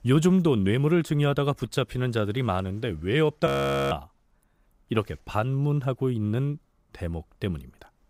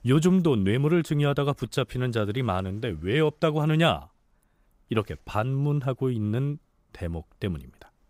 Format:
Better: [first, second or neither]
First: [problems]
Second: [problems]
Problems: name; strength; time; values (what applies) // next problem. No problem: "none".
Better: second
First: audio freezing; at 3.5 s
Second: none